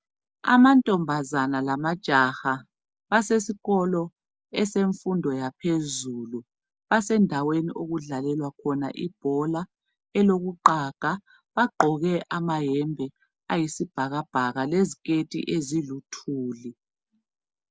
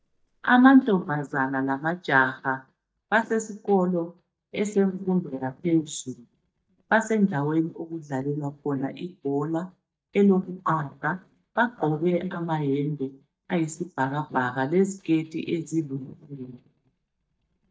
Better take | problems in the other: first | noise reduction (neural mask model DeepFilterNet 3)

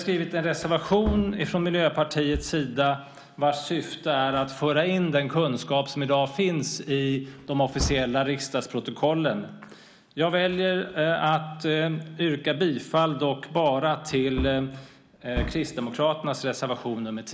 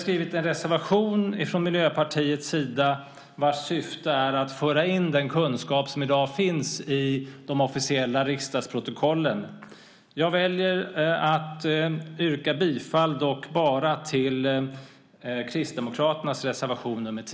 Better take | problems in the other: second | background sound (Wood); 15 dB below the speech

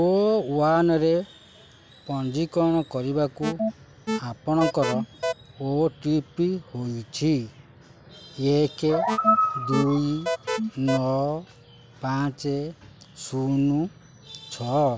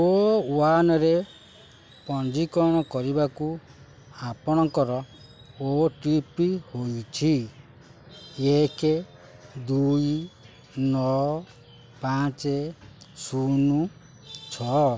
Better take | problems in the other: second | background sound (Alarm + Animal); 1 dB below the speech

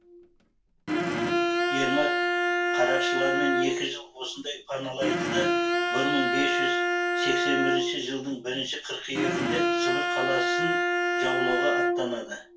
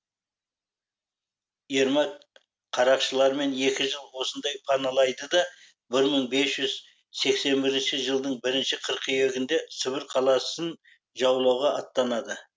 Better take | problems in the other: second | background sound (Bowed string instrument); 5 dB above the speech // room echo; dies away in 0.2 s

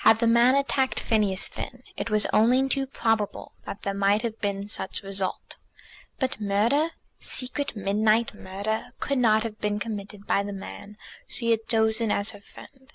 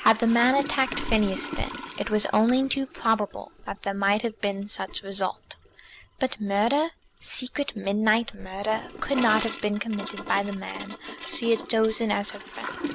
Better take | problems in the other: first | background sound (Toilet flush / Gurgling); 12 dB below the speech

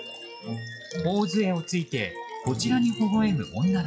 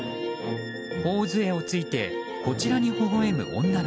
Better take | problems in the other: second | noise reduction (classical method log-MMSE)

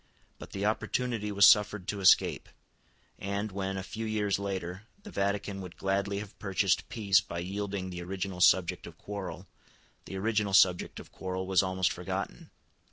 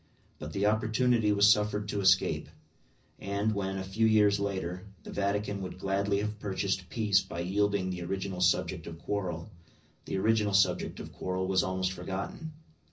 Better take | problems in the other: first | room echo; dies away in 0.4 s

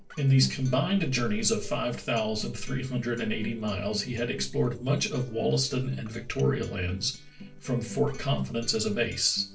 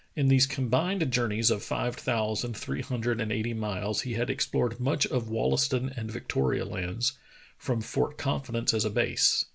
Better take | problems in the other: second | noise reduction (neural separator model SepFormer DNS4)

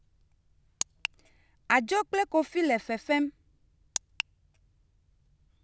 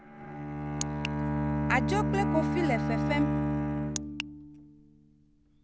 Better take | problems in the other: first | background sound (Bowed string instrument); 4 dB above the speech

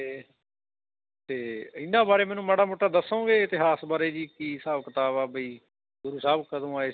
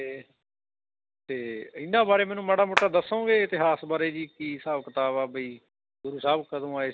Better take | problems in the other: first | background sound (Clapping); 1 dB above the speech

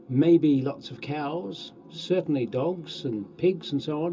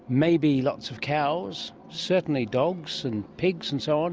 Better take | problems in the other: second | room echo; dies away in 0.2 s

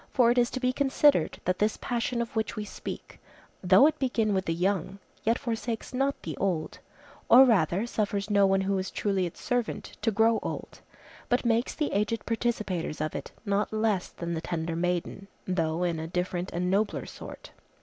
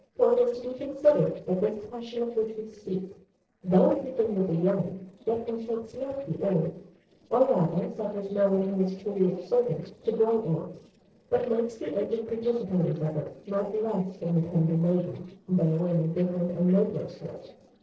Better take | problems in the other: first | noise reduction (neural separator model SepFormer DNS4)

